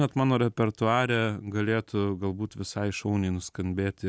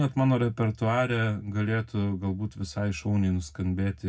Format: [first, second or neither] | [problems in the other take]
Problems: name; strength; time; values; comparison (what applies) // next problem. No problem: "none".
first | room echo; dies away in 0.4 s